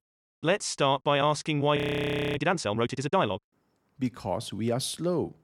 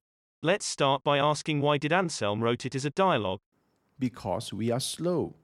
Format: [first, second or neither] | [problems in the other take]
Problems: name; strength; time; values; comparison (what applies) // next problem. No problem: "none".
second | audio freezing; at 2 s for 0.5 s